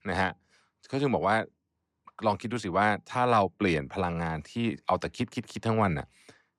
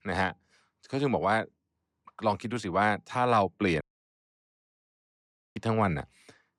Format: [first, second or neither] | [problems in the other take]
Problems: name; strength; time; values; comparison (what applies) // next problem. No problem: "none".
first | audio cutting out; at 4 s for 1.5 s